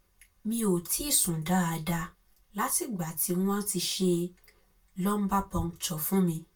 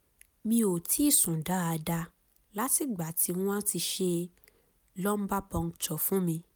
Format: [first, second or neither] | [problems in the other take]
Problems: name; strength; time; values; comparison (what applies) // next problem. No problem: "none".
second | room echo; dies away in 0.2 s